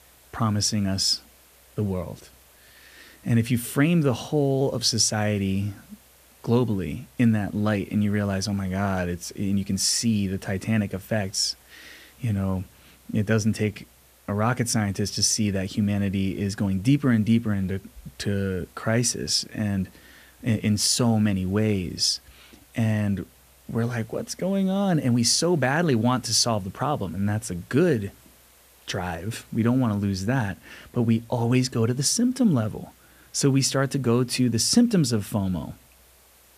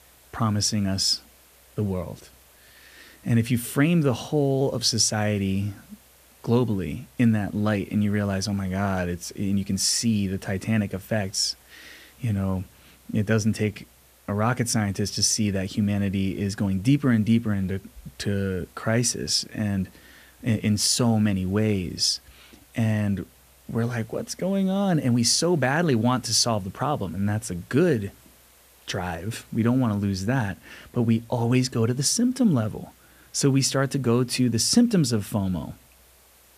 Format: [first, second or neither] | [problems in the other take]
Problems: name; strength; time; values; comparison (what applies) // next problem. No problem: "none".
neither | hiss; faint; throughout; 30 dB below the speech; the same in both